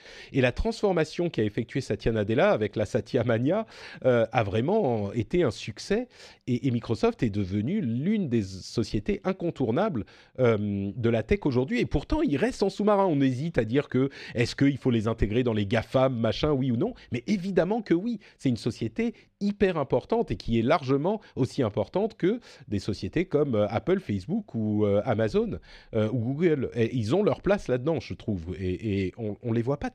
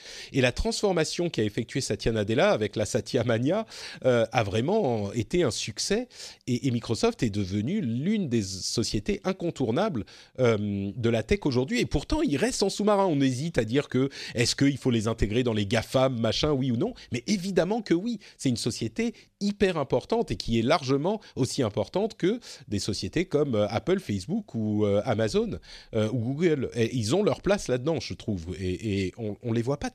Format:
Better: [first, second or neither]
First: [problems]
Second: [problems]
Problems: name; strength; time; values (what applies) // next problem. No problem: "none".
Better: second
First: muffled; slightly; fading above 4 kHz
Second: none